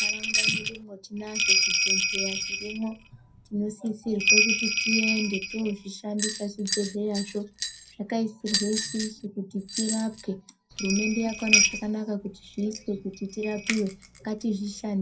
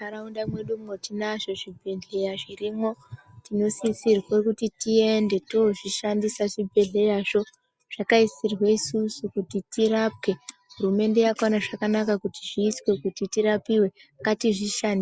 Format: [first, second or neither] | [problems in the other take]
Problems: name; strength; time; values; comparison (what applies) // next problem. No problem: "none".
second | background sound (Bell); 2 dB above the speech // room echo; dies away in 0.2 s